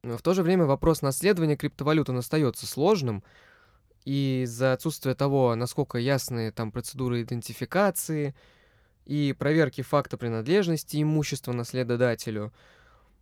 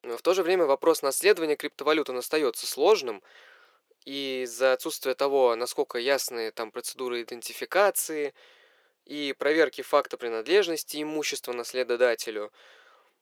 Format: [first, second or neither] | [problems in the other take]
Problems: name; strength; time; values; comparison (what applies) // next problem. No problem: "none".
first | thin; very; fading below 400 Hz